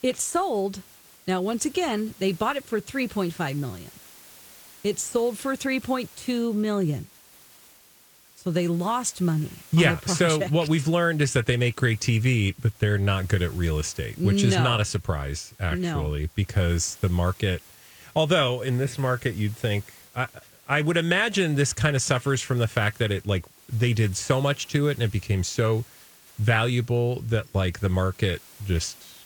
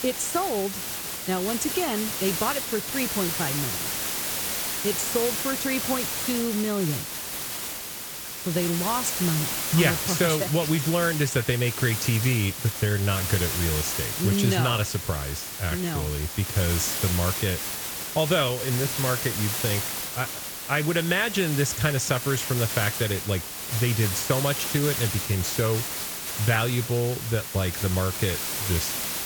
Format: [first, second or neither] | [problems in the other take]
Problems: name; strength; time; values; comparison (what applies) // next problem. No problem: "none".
first | hiss; loud; throughout; 2 dB below the speech; faint in the first